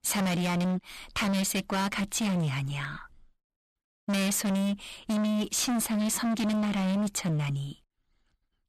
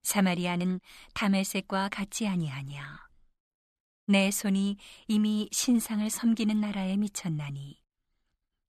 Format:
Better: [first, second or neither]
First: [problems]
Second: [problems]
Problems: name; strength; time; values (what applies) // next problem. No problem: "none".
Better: second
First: distortion; heavy; 30% of the sound clipped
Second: none